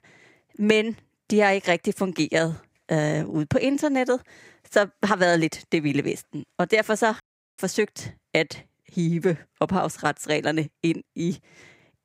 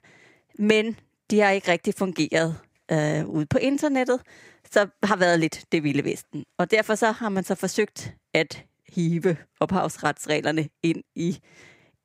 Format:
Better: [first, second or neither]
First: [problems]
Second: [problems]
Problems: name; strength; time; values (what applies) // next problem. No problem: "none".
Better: second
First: audio cutting out; at 7 s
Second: none